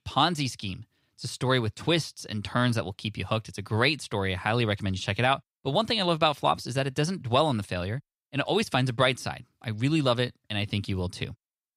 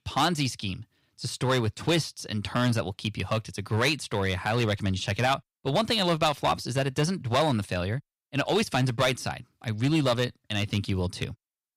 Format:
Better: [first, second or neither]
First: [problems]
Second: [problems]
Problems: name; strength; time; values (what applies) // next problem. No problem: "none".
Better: first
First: none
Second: distortion; slight; 4% of the sound clipped